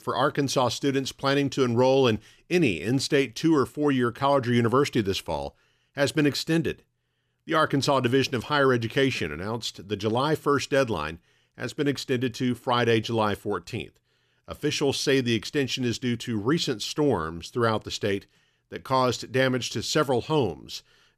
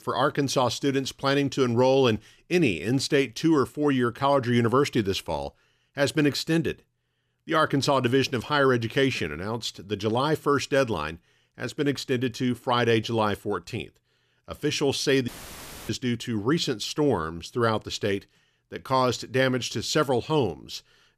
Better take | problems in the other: first | audio cutting out; filled with static; at 15 s for 0.5 s

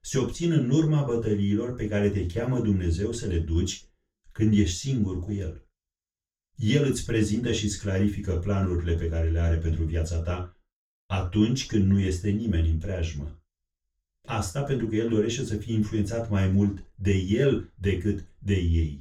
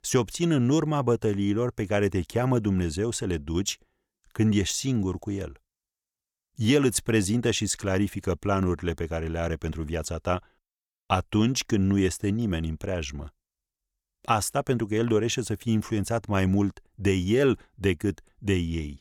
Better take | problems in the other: second | room echo; slight; dies away in 0.2 s // off-mic speech; far

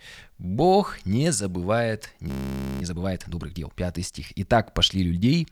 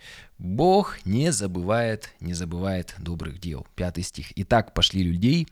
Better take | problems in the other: second | audio freezing; at 2.5 s for 0.5 s

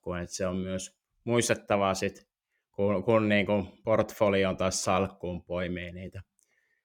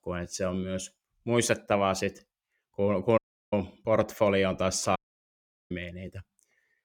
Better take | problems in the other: first | audio cutting out; at 3 s and at 5 s for 0.5 s

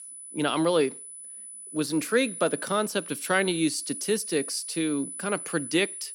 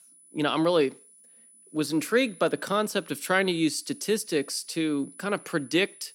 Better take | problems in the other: second | high-pitched whine; loud; throughout; 10 kHz, 9 dB below the speech; faint in the second

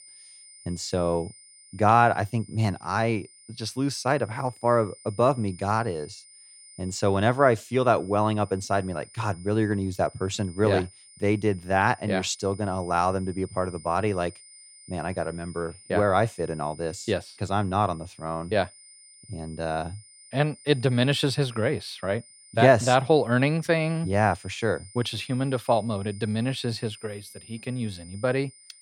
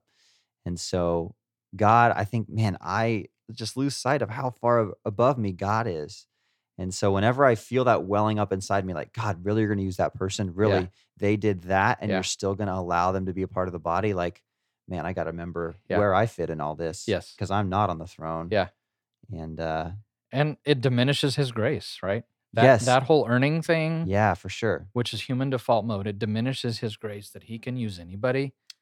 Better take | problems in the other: second | high-pitched whine; faint; throughout; 9 kHz, 20 dB below the speech

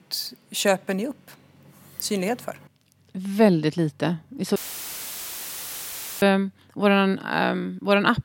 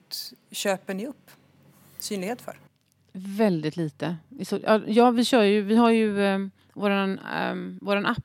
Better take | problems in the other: second | audio cutting out; filled with static; at 4.5 s for 1.5 s

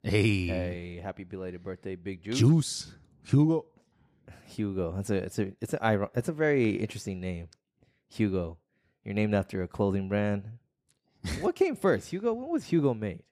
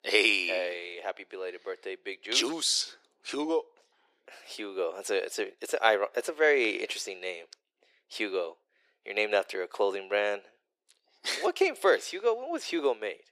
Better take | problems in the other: first | thin; very; fading below 400 Hz

